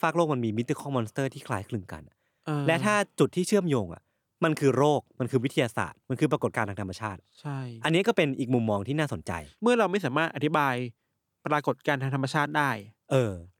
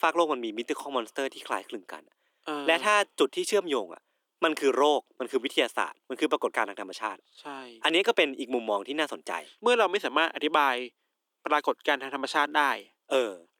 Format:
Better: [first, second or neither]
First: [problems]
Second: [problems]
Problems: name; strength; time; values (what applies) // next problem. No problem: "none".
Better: first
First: none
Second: thin; somewhat; fading below 300 Hz